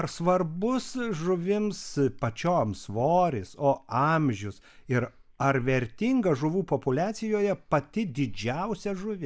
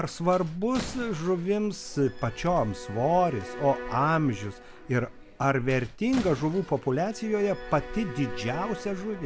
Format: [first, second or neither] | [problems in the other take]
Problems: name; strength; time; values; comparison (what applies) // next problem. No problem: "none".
first | background sound (Bowed string instrument + Slam); 13 dB below the speech